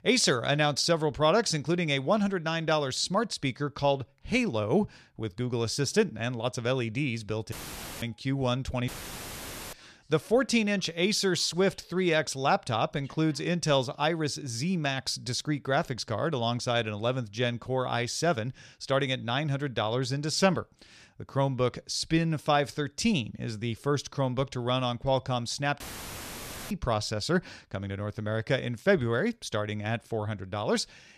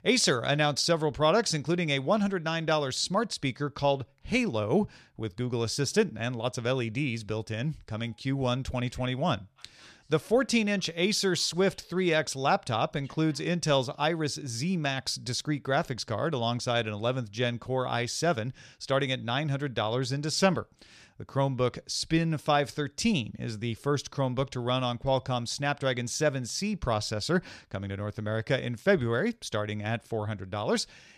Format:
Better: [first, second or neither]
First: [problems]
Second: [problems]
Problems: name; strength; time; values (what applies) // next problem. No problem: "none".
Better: second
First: audio cutting out; filled with static; at 7.5 s for 0.5 s, at 9 s for 1 s and at 26 s for 1 s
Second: none